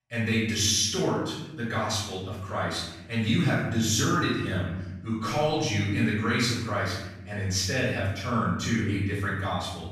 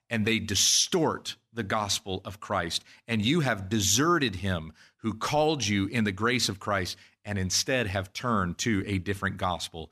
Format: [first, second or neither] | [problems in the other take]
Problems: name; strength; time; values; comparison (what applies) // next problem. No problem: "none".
second | off-mic speech; far // room echo; noticeable; dies away in 1 s